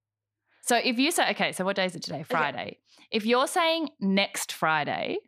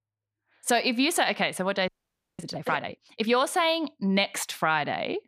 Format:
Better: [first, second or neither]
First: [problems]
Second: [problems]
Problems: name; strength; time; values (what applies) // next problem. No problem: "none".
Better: first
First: none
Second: audio freezing; at 2 s for 0.5 s